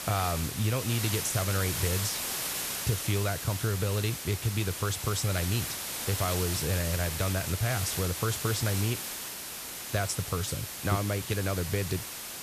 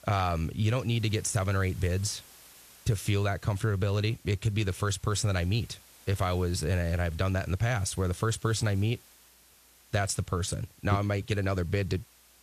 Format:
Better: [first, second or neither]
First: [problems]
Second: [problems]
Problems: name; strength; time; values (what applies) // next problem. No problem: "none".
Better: second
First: hiss; loud; throughout; 3 dB below the speech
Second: hiss; faint; throughout; 25 dB below the speech